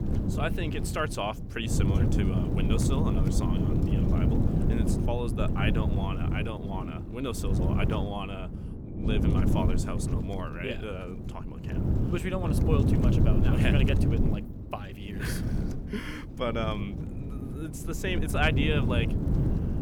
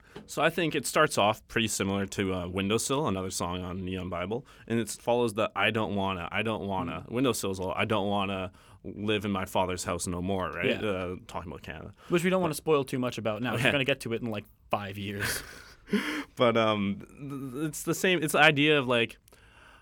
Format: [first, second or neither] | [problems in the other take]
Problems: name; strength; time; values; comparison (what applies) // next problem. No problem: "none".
second | wind noise on the microphone; heavy; 3 dB below the speech